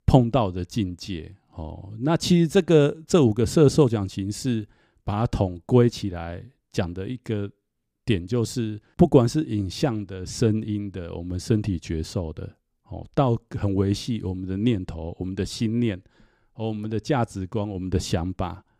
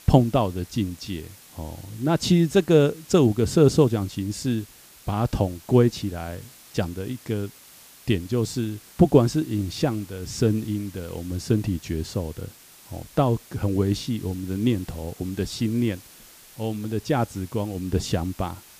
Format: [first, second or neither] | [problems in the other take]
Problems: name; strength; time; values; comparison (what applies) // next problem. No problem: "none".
first | hiss; faint; throughout; 20 dB below the speech